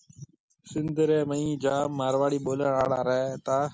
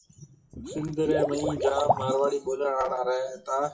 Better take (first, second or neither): first